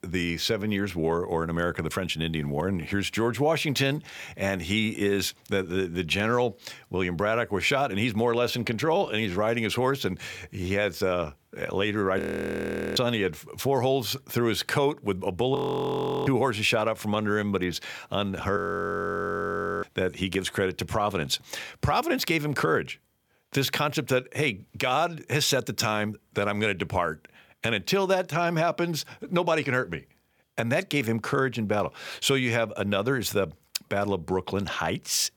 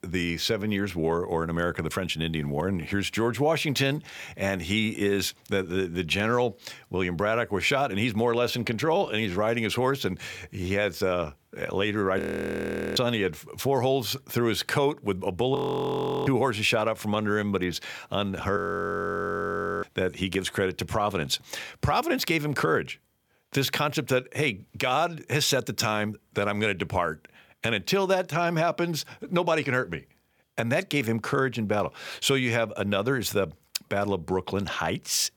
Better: neither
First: audio freezing; at 12 s for 1 s, at 16 s for 0.5 s and at 19 s for 1.5 s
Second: audio freezing; at 12 s for 1 s, at 16 s for 0.5 s and at 19 s for 1.5 s

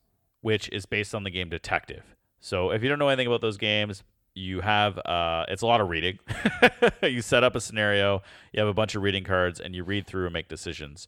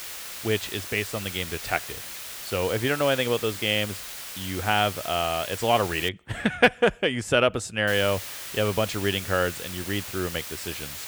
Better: first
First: none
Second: hiss; loud; until 6 s and from 8 s on; 9 dB below the speech

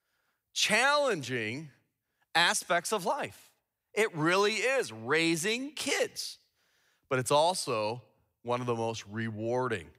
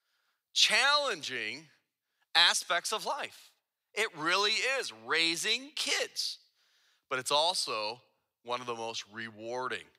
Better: first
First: none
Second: thin; somewhat; fading below 1 kHz

